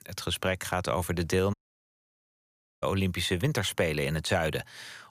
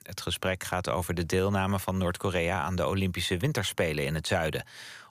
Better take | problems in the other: second | audio cutting out; at 1.5 s for 1.5 s

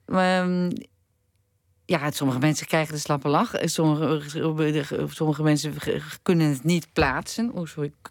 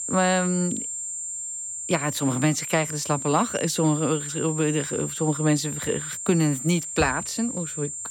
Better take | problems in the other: first | high-pitched whine; loud; throughout; 7.5 kHz, 5 dB below the speech

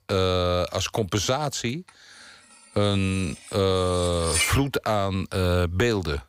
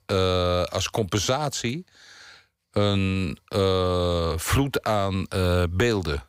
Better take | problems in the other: second | clattering dishes; loud; at 3.5 s; peak 1 dB above the speech

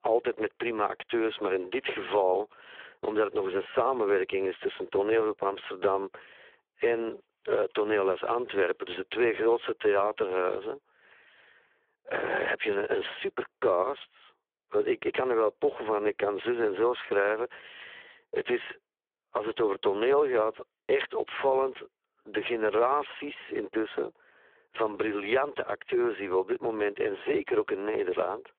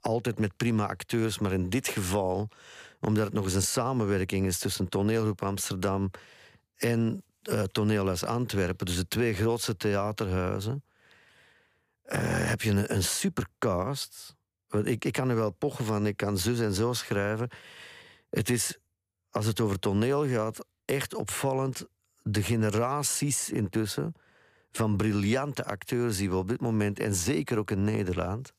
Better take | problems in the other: second | phone-call audio; poor line

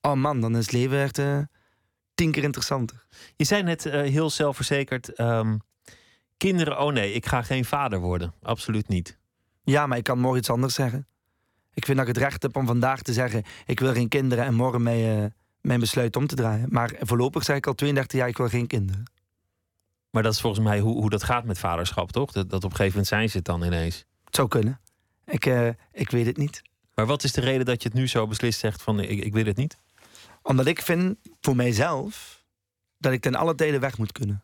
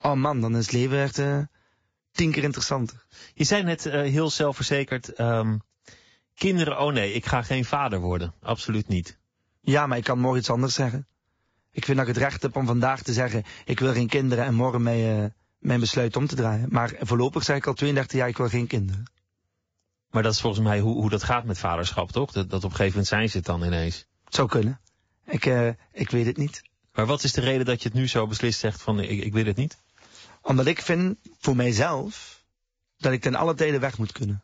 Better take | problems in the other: first | garbled, watery; badly; nothing above 7.5 kHz

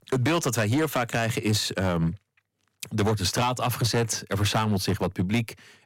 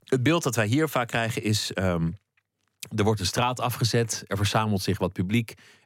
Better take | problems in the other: second | distortion; slight; 10% of the sound clipped

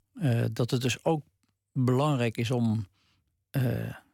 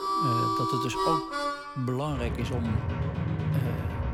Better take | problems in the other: first | background music; very loud; throughout; 4 dB above the speech

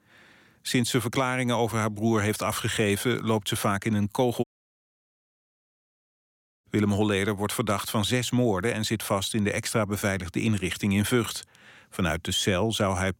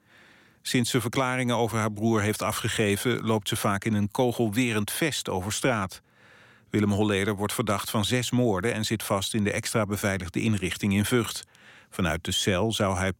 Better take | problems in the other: second | audio cutting out; at 4.5 s for 2 s

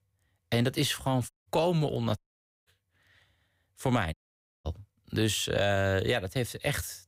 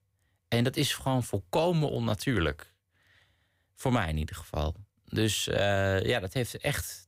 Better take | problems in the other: second | audio cutting out; at 1.5 s, at 2 s and at 4 s for 0.5 s

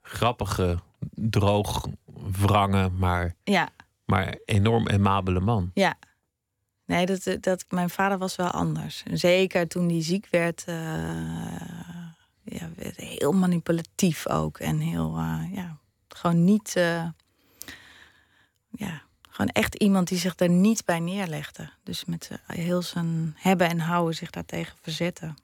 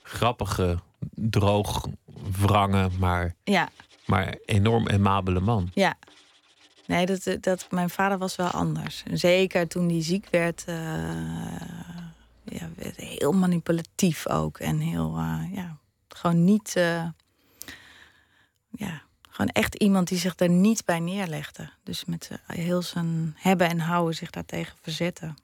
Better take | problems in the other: first | household noises; faint; until 14 s; 30 dB below the speech

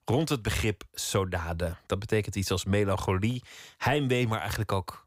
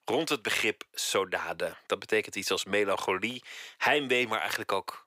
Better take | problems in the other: first | thin; somewhat; fading below 400 Hz

